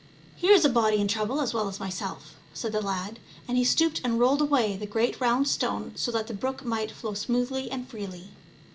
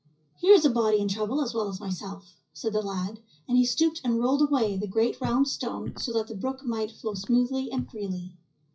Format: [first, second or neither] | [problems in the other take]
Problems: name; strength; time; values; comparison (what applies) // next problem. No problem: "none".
first | noise reduction (classical method WPE with log-MMSE)